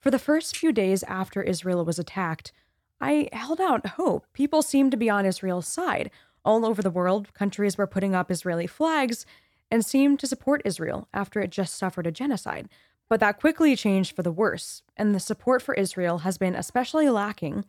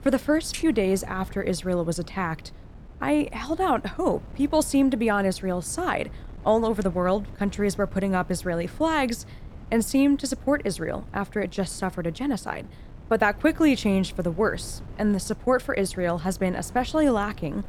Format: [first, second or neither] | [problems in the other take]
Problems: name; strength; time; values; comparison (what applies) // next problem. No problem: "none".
first | wind noise on the microphone; occasional gusts; 25 dB below the speech